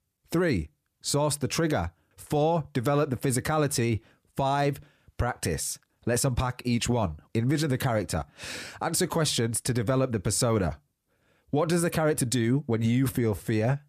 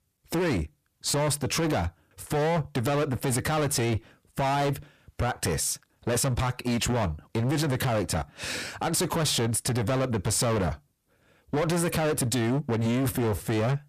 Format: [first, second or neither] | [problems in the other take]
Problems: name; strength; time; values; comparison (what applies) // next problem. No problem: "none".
first | distortion; heavy; 26% of the sound clipped